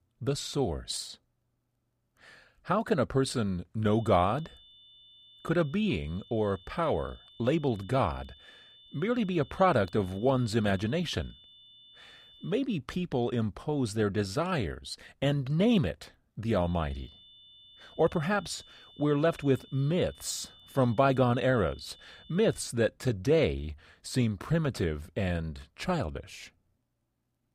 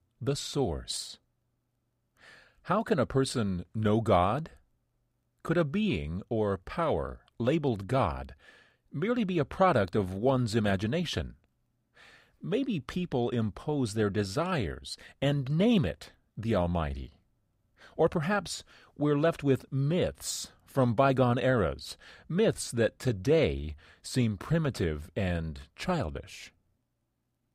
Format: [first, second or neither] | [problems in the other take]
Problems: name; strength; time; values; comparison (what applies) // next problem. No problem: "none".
second | high-pitched whine; faint; from 4 to 13 s and from 17 to 23 s; 3.5 kHz, 25 dB below the speech